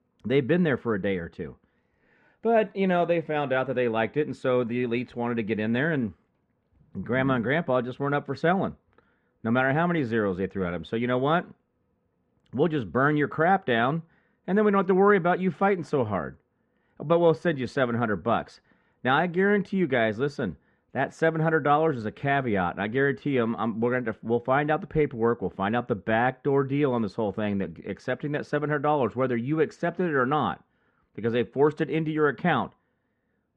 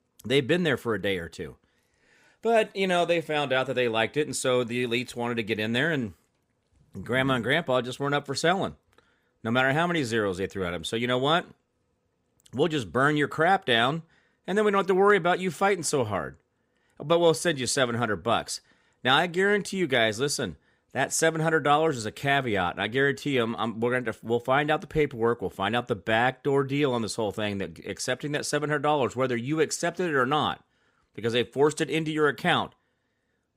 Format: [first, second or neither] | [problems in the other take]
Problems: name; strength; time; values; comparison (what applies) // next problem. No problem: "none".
second | muffled; very; fading above 2 kHz